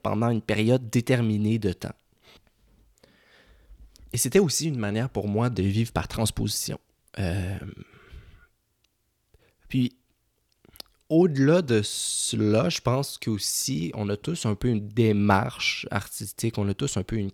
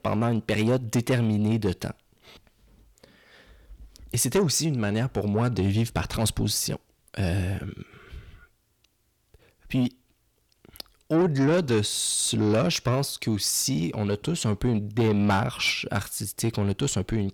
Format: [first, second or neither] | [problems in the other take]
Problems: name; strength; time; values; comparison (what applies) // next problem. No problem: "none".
first | distortion; slight; 10 dB below the speech